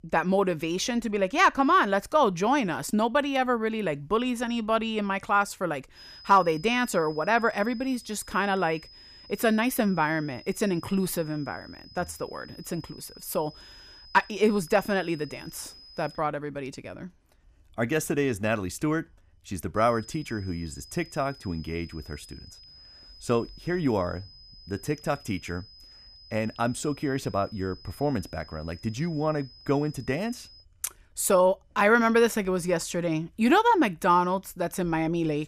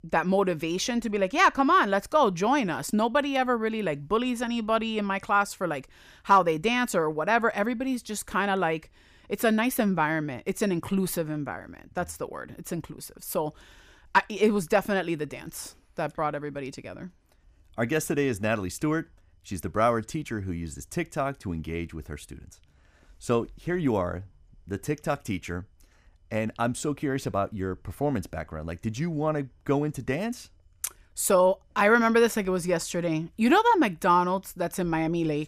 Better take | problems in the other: second | high-pitched whine; faint; from 6 to 16 s and from 20 to 31 s; 5 kHz, 20 dB below the speech

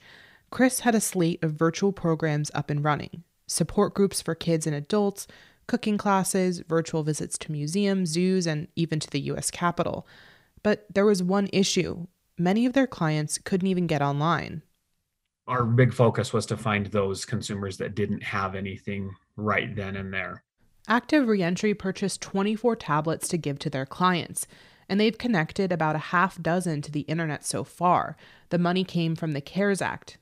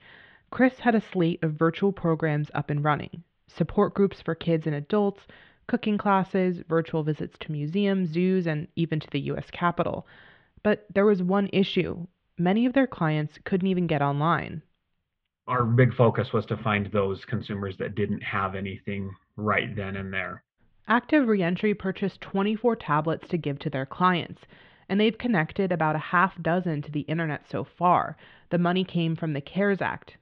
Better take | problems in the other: first | muffled; very; fading above 3.5 kHz

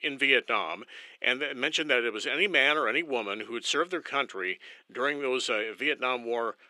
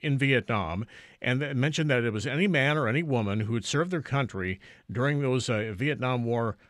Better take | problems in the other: second | thin; very; fading below 350 Hz

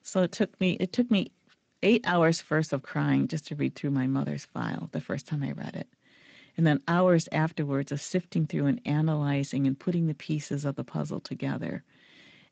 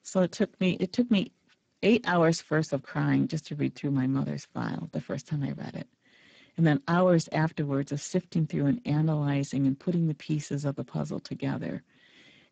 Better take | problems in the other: first | garbled, watery; badly; nothing above 7.5 kHz; slightly in the first

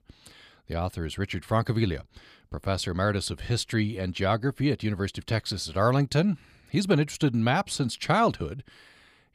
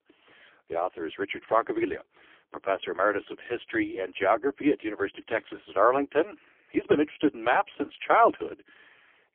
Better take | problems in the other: first | phone-call audio; poor line; nothing above 3.5 kHz

